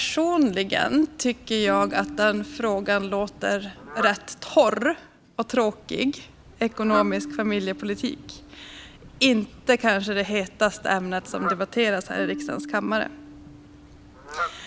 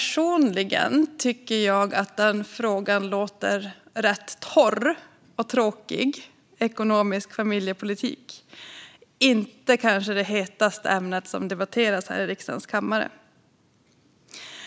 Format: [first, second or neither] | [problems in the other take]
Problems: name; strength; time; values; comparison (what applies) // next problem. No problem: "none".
second | background sound (Marimba, xylophone + Fowl); 12 dB below the speech